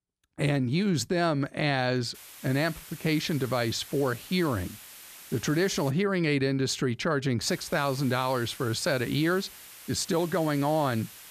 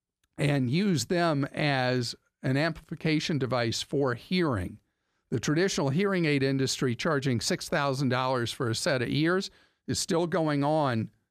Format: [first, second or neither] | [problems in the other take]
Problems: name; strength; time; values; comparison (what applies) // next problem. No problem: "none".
second | hiss; noticeable; from 2 to 6 s and from 7.5 s on; 15 dB below the speech